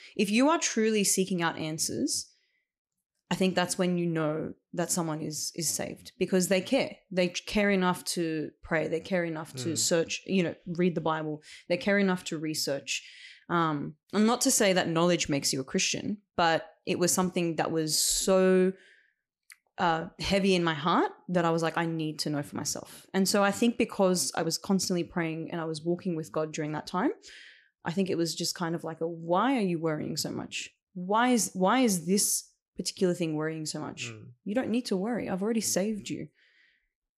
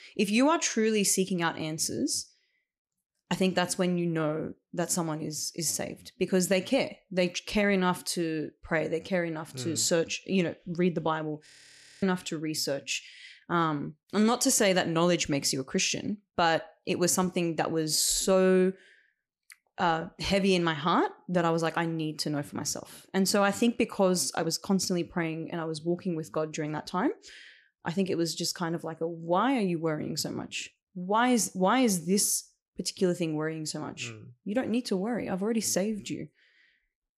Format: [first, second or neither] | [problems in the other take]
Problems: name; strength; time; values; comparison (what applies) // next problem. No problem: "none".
first | audio freezing; at 11 s for 0.5 s